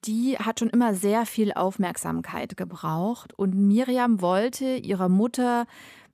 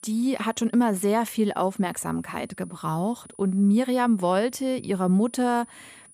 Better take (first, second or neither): first